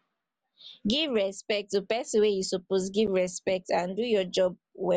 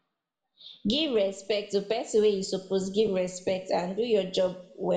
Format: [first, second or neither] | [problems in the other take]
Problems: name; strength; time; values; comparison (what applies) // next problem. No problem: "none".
first | room echo; dies away in 0.8 s